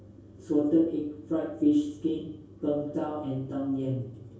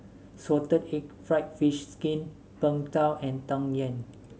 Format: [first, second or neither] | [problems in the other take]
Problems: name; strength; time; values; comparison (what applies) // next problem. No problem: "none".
second | room echo; dies away in 0.6 s